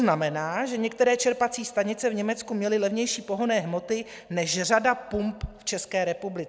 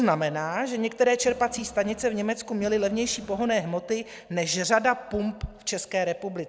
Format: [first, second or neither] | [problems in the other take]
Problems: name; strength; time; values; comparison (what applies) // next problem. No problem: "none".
first | background sound (Crowd); 18 dB below the speech